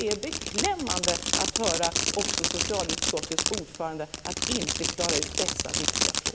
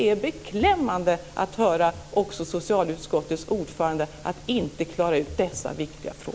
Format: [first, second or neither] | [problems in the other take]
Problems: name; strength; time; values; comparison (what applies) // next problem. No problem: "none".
second | background sound (Fireworks); 4 dB above the speech